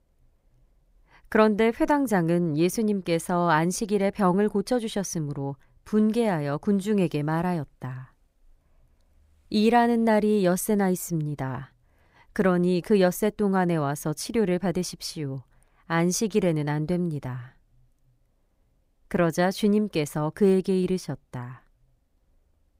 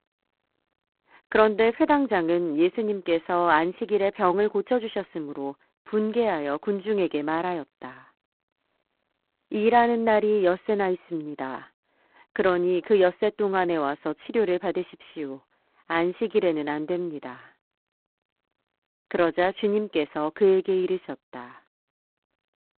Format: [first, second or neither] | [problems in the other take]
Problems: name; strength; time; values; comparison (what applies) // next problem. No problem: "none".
first | phone-call audio; poor line; nothing above 4 kHz